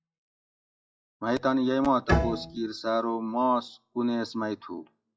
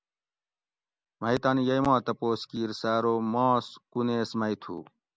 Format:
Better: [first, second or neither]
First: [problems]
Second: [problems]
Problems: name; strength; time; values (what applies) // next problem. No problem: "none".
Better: second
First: noise reduction (classical method WPE with log-MMSE)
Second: none